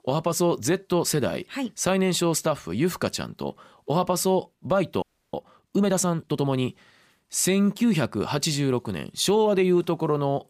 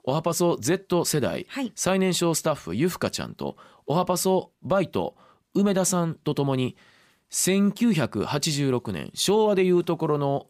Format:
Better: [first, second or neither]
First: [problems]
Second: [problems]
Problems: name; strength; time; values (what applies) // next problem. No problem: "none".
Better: second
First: audio freezing; at 5 s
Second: none